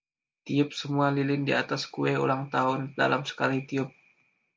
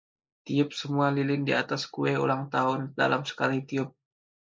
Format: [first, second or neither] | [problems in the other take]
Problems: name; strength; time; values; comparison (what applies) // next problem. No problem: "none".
first | noise reduction (neural mask model Resemble Enhance denoiser)